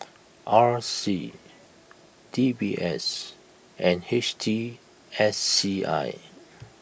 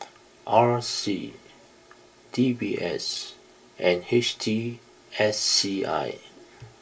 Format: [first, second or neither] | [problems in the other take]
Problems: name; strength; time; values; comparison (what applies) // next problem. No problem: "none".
first | room echo; dies away in 0.2 s